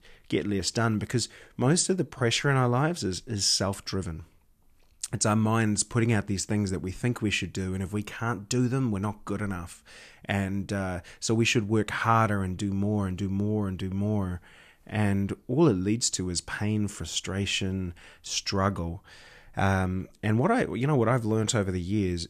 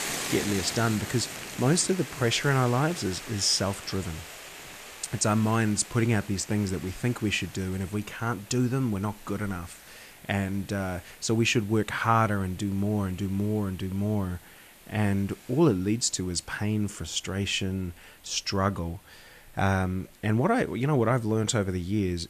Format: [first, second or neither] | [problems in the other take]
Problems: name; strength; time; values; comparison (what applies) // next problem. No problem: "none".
first | hiss; noticeable; throughout; 15 dB below the speech